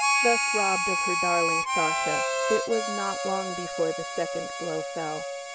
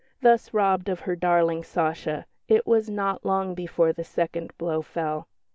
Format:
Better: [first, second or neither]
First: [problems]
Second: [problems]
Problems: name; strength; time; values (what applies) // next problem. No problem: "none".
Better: second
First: background sound (Harmonica); 3 dB above the speech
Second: none